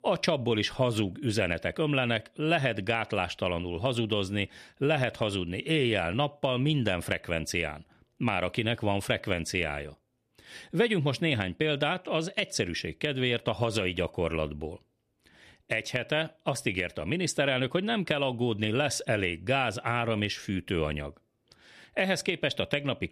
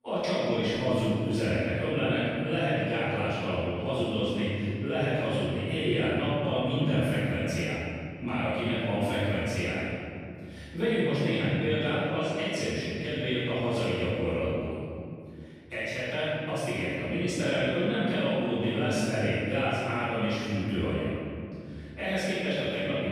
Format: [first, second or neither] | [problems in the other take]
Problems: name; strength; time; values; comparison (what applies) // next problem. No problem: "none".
first | off-mic speech; far // room echo; strong; dies away in 2.7 s